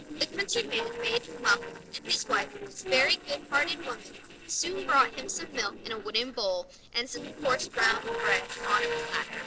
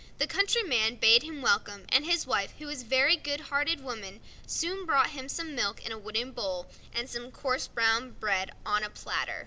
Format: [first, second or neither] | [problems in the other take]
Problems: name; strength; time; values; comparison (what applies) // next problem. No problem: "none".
second | noise reduction (neural separator model SepFormer DNS4)